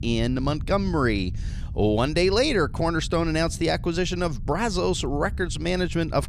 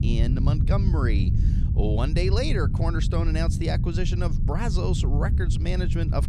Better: first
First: low rumble; faint; throughout; 25 dB below the speech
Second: low rumble; loud; throughout; 6 dB below the speech

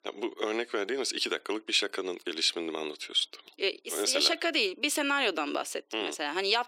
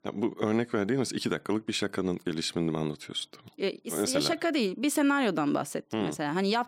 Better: second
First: thin; somewhat; fading below 350 Hz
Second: none

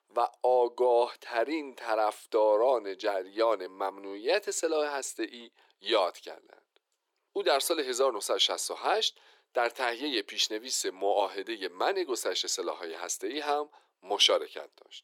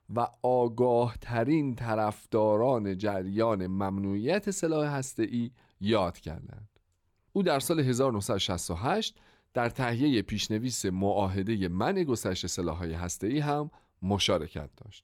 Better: second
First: thin; very; fading below 350 Hz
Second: none

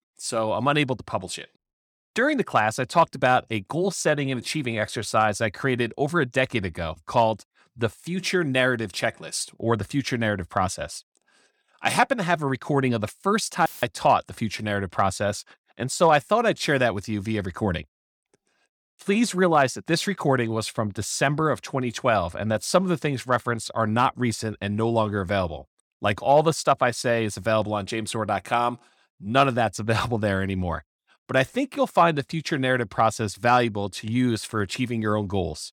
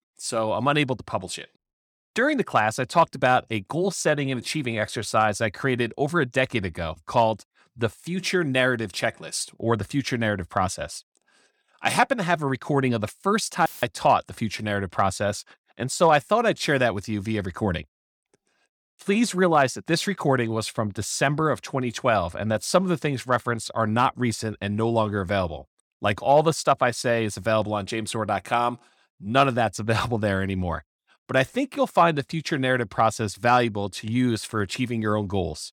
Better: neither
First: audio cutting out; filled with static; at 14 s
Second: audio cutting out; filled with static; at 14 s

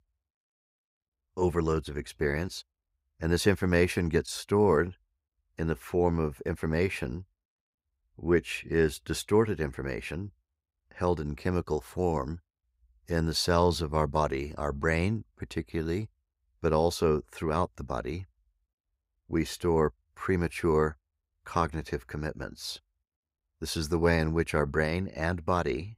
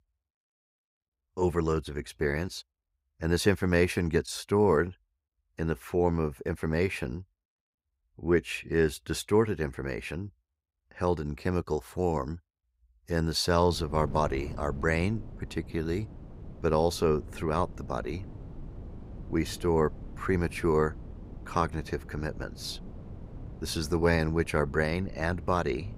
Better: first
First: none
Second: wind noise on the microphone; occasional gusts; from 14 s on; 20 dB below the speech

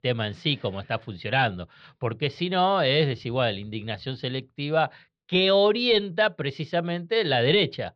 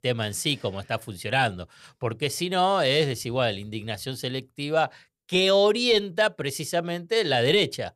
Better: second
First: muffled; very slightly; fading above 4 kHz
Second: none

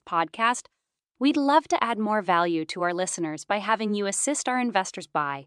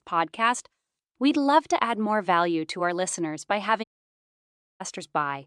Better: first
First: none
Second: audio cutting out; at 4 s for 1 s

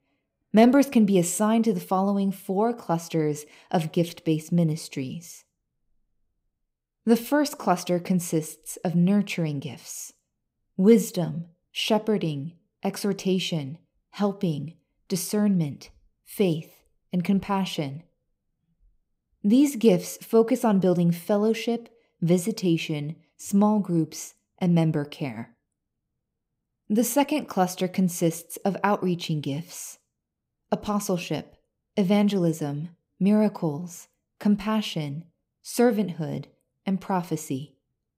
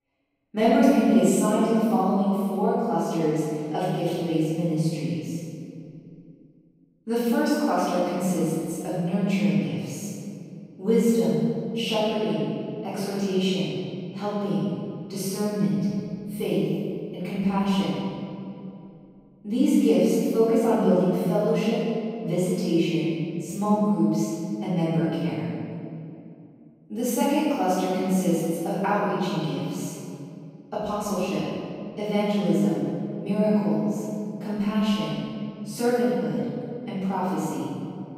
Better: first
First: none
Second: off-mic speech; far // room echo; strong; dies away in 2.2 s

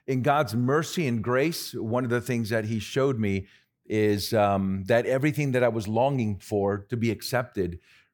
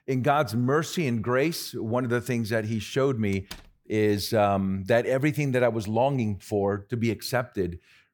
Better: first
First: none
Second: door banging; faint; at 3.5 s; peak 15 dB below the speech

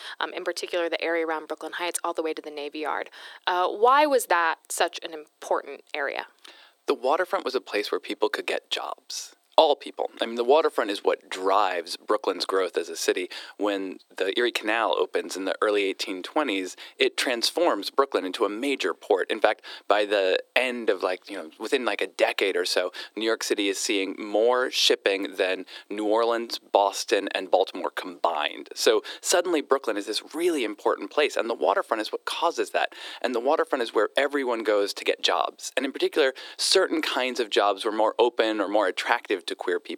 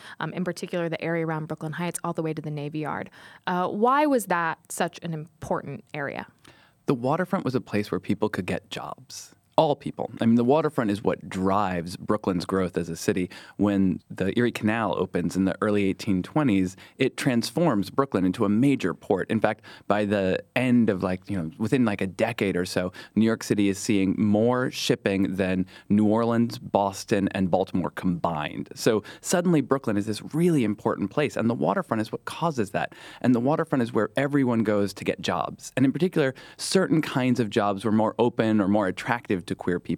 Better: second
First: thin; very; fading below 350 Hz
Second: none

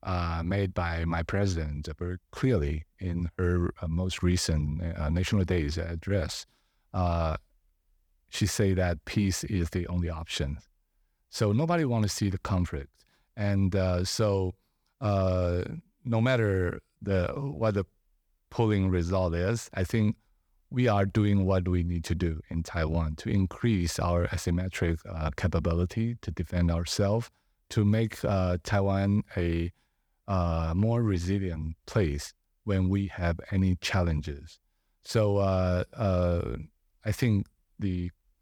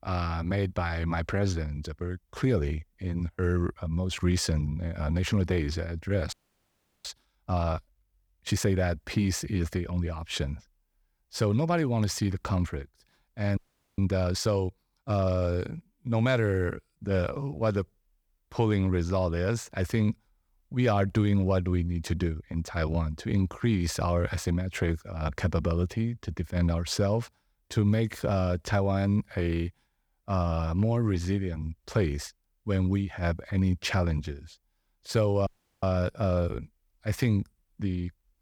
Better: first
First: none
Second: audio freezing; at 6.5 s for 0.5 s, at 14 s and at 35 s

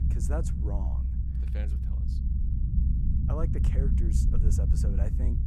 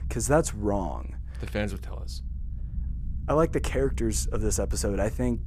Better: second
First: low rumble; loud; throughout; 1 dB below the speech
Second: low rumble; faint; throughout; 25 dB below the speech

